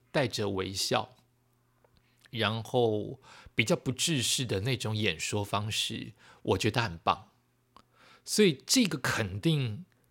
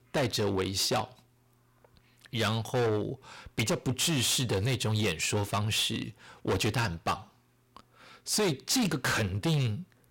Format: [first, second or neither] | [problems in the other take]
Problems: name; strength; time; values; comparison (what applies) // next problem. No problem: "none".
first | distortion; heavy; 13% of the sound clipped